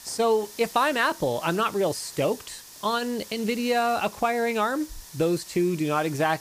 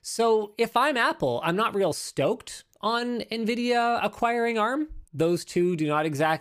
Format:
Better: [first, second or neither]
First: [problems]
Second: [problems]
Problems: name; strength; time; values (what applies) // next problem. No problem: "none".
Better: second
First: hiss; noticeable; throughout; 15 dB below the speech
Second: none